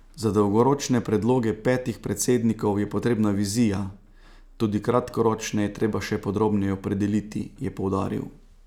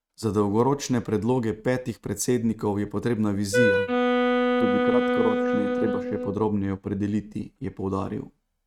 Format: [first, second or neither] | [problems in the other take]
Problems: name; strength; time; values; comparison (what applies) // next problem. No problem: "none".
first | noise reduction (neural mask model RNNoise)